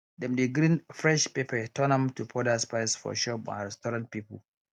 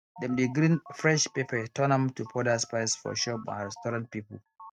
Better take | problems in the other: first | noise reduction (neural mask model RNNoise)

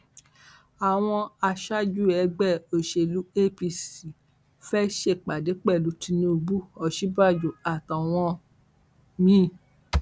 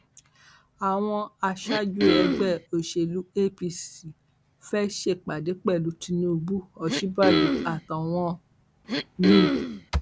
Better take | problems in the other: first | background sound (Cough); 2 dB above the speech

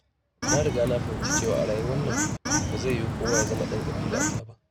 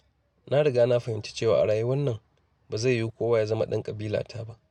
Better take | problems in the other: second | background sound (Bird / Fowl); 2 dB above the speech

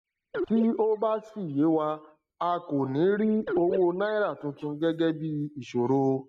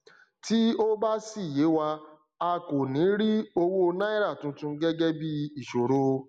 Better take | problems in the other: second | noise reduction (neural mask model DeepFilterNet 3)

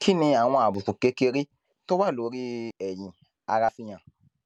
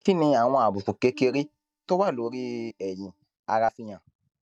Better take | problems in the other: first | noise reduction (neural mask model DeepFilterNet 3)

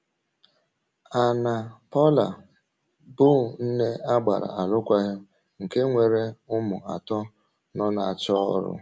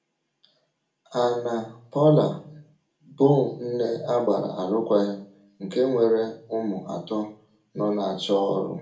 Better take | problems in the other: first | room echo; dies away in 0.4 s

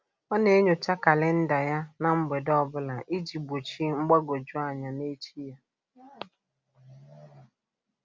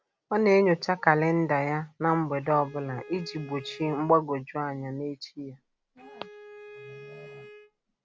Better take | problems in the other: first | background sound (Bowed string instrument); 20 dB below the speech

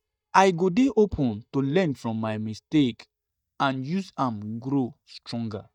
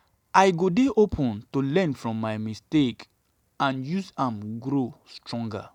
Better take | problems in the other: second | noise reduction (neural mask model DeepFilterNet 3)

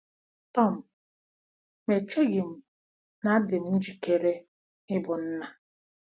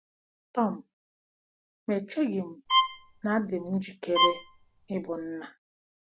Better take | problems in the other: first | background sound (Bowed string instrument); 3 dB above the speech

